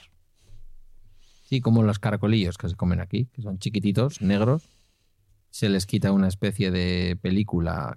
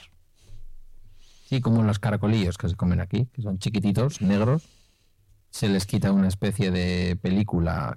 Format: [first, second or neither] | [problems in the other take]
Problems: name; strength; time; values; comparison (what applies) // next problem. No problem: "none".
first | distortion; slight; 9 dB below the speech